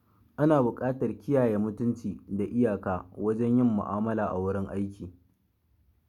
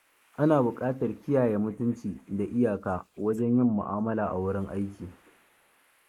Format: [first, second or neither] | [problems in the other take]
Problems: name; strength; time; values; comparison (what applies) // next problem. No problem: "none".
first | noise reduction (neural mask model Resemble Enhance denoiser)